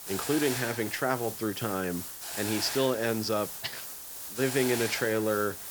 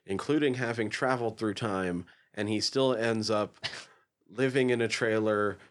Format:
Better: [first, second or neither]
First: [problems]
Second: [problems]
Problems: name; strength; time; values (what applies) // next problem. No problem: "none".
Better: second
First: hiss; loud; throughout; 6 dB below the speech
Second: none